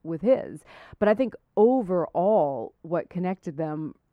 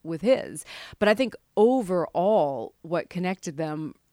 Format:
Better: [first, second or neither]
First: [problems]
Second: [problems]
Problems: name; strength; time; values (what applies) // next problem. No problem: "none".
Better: second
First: muffled; very; fading above 2.5 kHz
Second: none